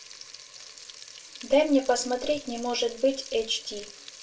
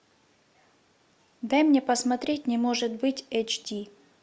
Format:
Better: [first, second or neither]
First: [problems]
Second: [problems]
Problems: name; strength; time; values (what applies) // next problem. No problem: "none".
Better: second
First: background sound (Frying (food)); 17 dB below the speech // room echo; dies away in 0.2 s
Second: none